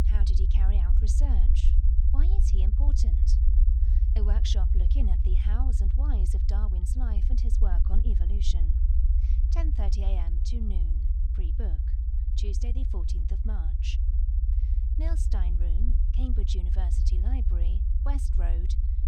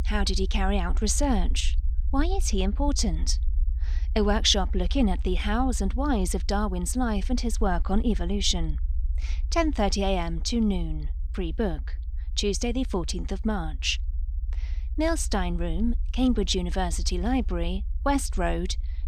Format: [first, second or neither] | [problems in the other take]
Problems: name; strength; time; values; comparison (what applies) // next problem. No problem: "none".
second | low rumble; loud; throughout; 2 dB below the speech; faint in the second